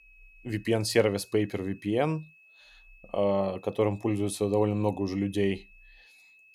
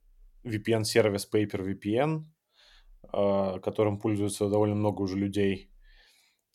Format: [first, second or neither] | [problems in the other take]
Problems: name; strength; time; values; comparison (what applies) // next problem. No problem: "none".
second | high-pitched whine; faint; throughout; 2.5 kHz, 25 dB below the speech